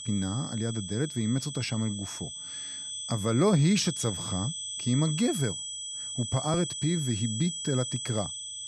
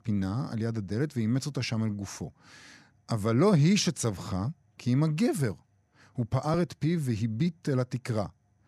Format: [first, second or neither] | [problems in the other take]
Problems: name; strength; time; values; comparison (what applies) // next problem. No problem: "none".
second | high-pitched whine; loud; throughout; 3.5 kHz, 5 dB below the speech